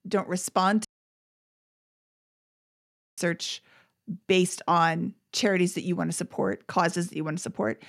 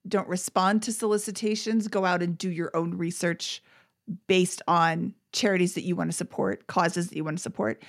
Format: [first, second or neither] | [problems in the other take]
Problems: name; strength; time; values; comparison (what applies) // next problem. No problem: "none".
second | audio cutting out; at 1 s for 2.5 s